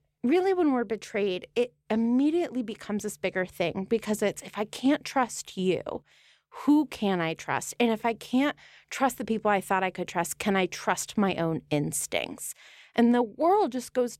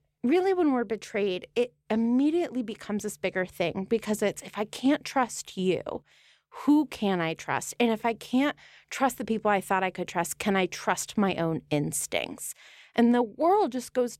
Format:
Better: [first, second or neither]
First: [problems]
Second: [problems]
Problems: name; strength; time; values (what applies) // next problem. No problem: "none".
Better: neither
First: none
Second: none